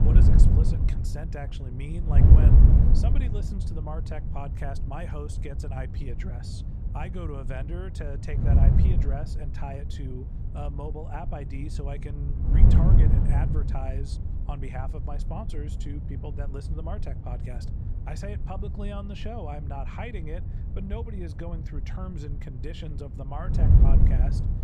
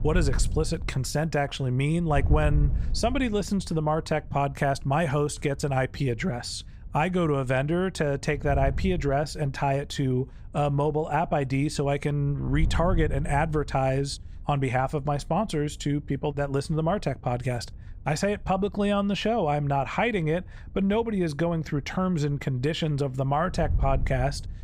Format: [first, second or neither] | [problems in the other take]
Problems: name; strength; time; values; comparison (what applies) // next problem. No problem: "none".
second | wind noise on the microphone; heavy; as loud as the speech; occasional gusts in the second